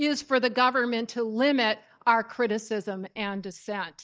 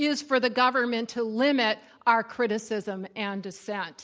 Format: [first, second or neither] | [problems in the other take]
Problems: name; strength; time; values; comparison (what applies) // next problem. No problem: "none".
second | noise reduction (neural mask model DeepFilterNet 3)